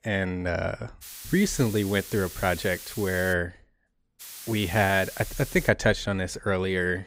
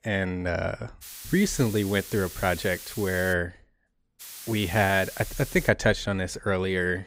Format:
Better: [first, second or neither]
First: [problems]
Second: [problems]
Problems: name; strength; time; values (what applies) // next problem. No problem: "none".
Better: neither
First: hiss; noticeable; from 1 to 3.5 s and from 4 to 5.5 s; 15 dB below the speech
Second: hiss; noticeable; from 1 to 3.5 s and from 4 to 5.5 s; 15 dB below the speech